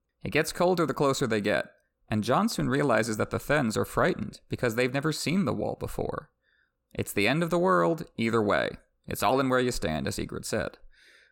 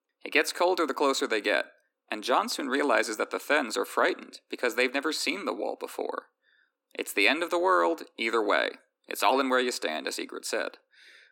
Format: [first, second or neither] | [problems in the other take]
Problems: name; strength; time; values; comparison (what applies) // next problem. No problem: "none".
first | thin; somewhat; fading below 250 Hz